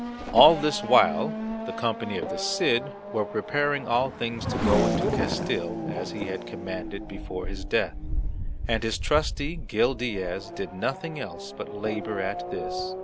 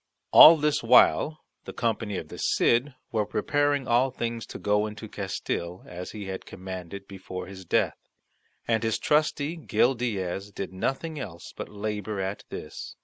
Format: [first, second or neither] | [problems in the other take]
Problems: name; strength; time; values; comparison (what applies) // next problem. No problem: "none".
second | background sound (Race car, auto racing / Accelerating, revving, vroom); 4 dB below the speech